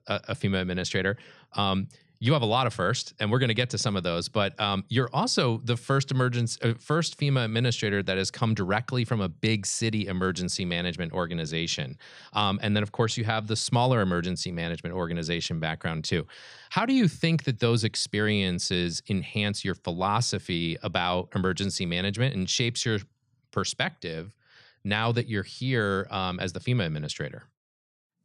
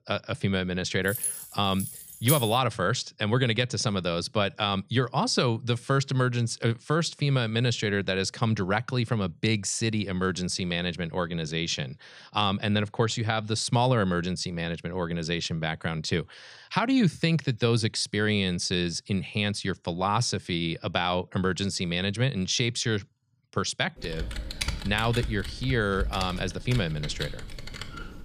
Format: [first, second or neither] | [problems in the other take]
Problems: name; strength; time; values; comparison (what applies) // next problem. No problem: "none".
first | jangling keys; noticeable; from 1 to 2.5 s; peak 1 dB below the speech // keyboard typing; noticeable; from 24 s on; peak 4 dB below the speech